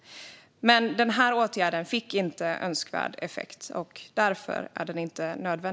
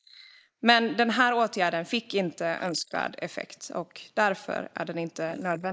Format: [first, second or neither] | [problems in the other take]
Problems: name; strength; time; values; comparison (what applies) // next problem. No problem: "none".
first | noise reduction (neural mask model Resemble Enhance denoiser)